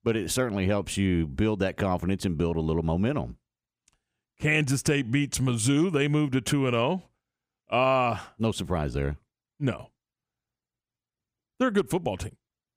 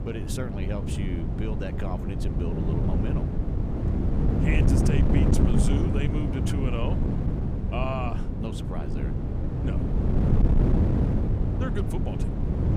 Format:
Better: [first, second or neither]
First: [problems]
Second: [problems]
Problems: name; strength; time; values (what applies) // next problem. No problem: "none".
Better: first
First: none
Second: wind noise on the microphone; heavy; 1 dB above the speech